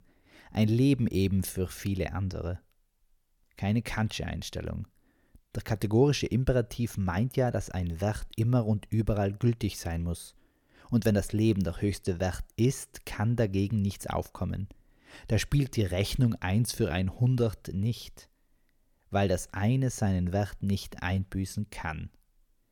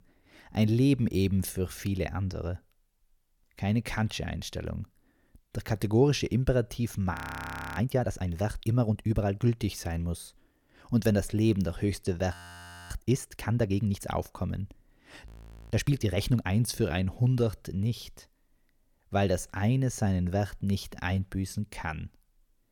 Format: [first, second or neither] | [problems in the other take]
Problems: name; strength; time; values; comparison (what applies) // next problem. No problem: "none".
first | audio freezing; at 7 s for 0.5 s, at 12 s for 0.5 s and at 15 s